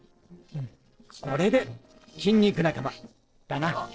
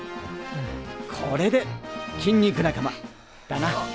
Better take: second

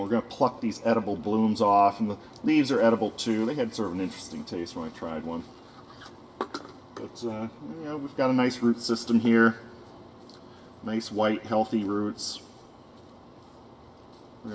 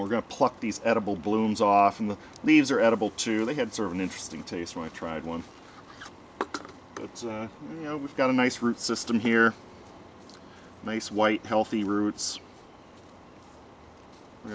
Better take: second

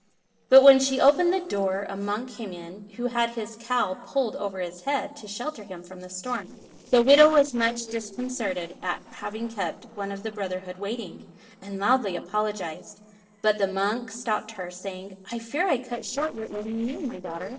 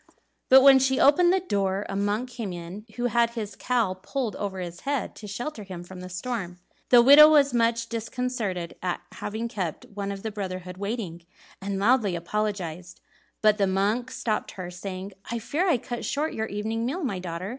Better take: second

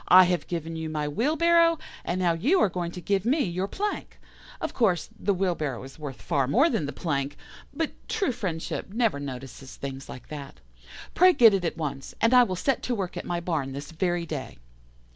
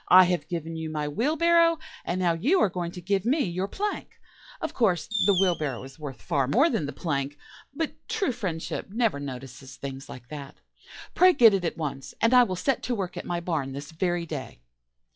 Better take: first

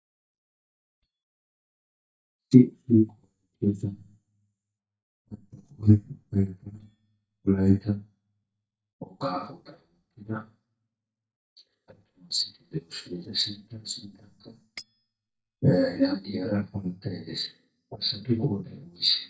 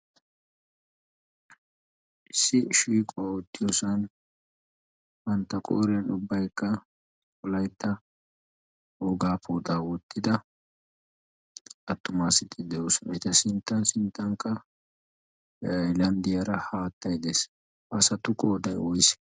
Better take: second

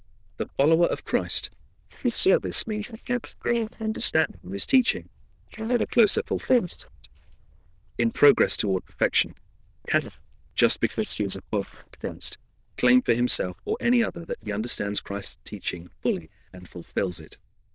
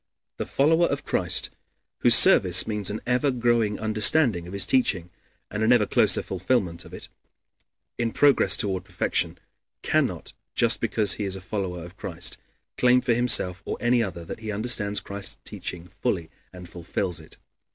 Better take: second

